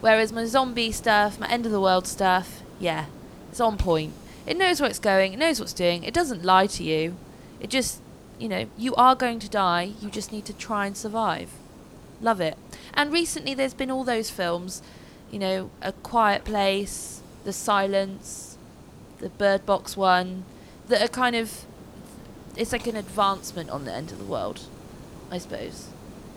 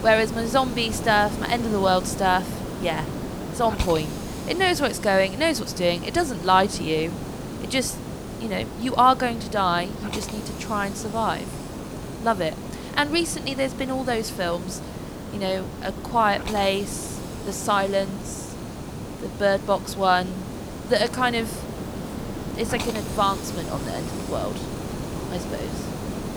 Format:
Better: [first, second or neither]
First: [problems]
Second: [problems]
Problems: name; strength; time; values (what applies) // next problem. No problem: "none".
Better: first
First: hiss; faint; throughout; 20 dB below the speech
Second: hiss; loud; throughout; 9 dB below the speech